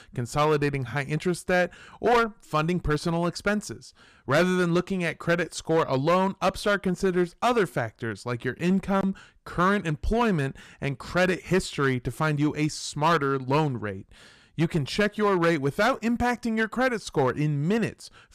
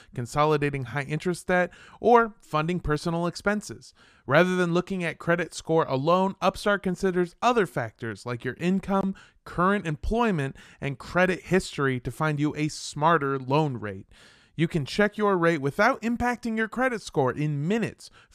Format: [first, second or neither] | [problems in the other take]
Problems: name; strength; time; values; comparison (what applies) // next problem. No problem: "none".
second | distortion; slight; 4% of the sound clipped